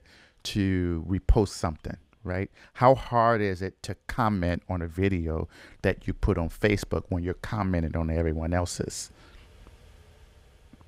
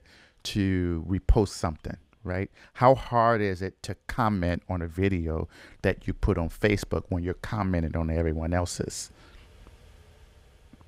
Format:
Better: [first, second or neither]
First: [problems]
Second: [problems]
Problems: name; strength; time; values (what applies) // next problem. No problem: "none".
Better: neither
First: none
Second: none